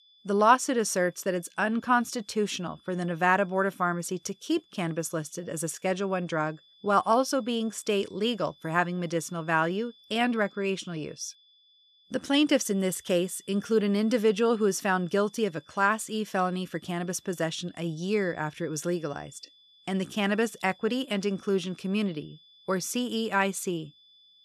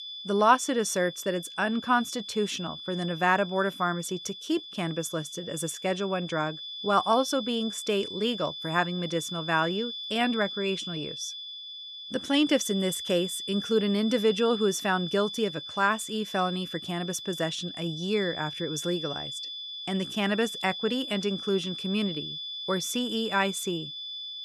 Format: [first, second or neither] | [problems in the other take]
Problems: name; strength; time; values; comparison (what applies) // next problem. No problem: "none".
first | high-pitched whine; loud; throughout; 3.5 kHz, 8 dB below the speech; faint in the first